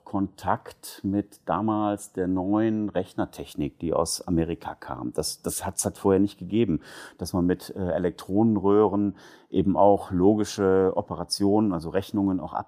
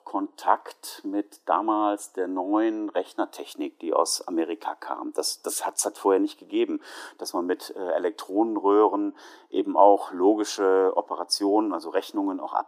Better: first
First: none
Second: thin; somewhat; fading below 300 Hz

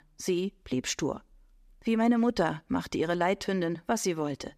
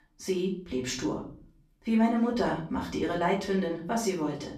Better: first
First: none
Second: off-mic speech; far // room echo; slight; dies away in 0.5 s

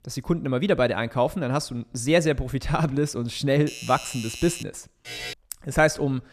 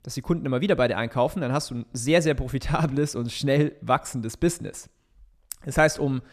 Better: second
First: doorbell; faint; from 3.5 to 4.5 s; peak 10 dB below the speech // alarm; noticeable; at 5 s; peak 9 dB below the speech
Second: none

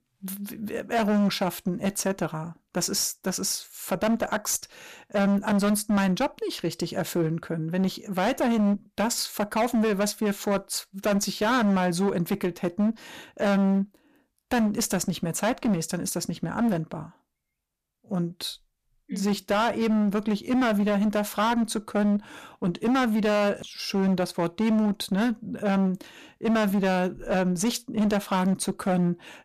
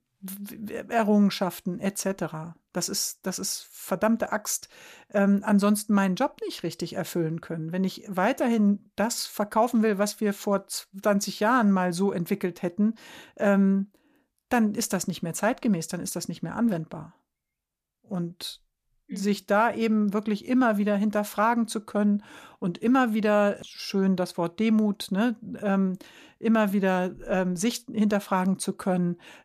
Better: second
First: distortion; slight; 15% of the sound clipped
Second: none

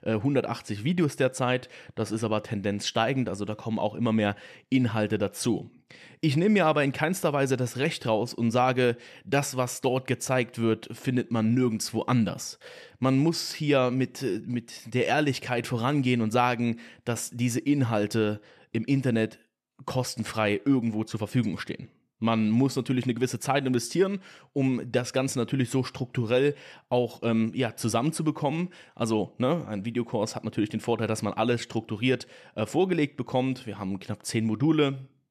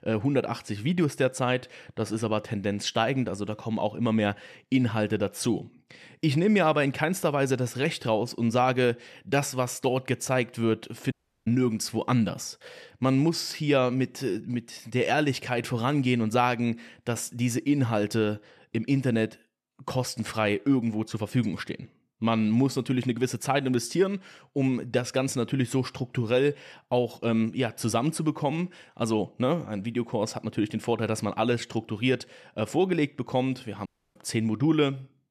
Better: first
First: none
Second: audio cutting out; at 11 s and at 34 s

